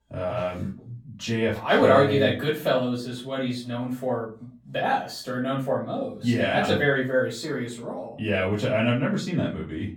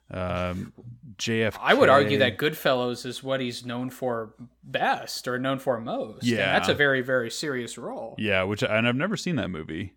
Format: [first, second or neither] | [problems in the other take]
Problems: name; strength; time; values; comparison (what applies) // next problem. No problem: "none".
second | off-mic speech; far // room echo; slight; dies away in 0.3 s